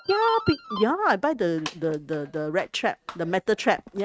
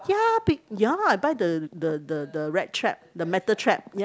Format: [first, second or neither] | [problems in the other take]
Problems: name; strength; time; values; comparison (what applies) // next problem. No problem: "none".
second | noise reduction (neural mask model RNNoise)